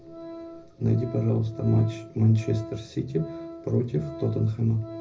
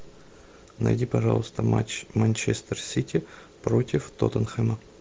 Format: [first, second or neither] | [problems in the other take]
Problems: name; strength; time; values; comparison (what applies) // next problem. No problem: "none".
second | background sound (Organ); 14 dB below the speech // room echo; dies away in 0.4 s